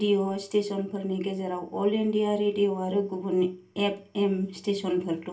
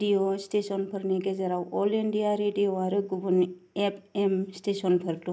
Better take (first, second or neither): second